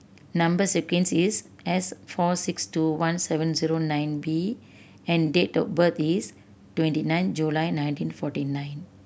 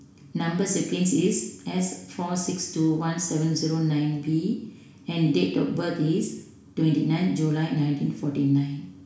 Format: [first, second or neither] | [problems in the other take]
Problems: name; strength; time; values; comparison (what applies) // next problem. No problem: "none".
first | room echo; dies away in 0.7 s